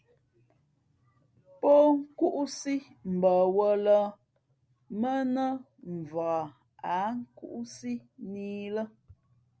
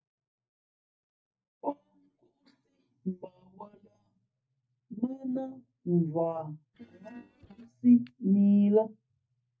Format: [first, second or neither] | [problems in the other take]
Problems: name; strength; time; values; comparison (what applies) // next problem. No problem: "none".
first | noise reduction (neural mask model DeepFilterNet 3)